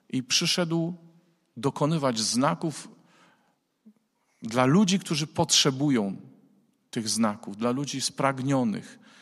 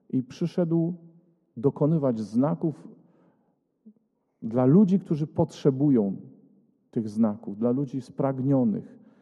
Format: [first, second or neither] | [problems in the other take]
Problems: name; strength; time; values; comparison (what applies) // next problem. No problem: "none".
first | muffled; very; fading above 1 kHz